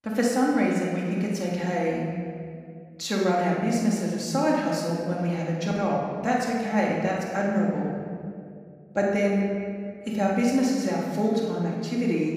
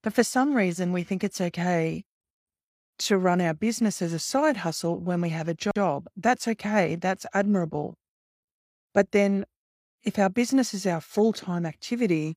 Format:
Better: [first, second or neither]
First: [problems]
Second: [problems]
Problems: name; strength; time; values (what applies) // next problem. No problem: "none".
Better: second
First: off-mic speech; far // room echo; noticeable; dies away in 2 s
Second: none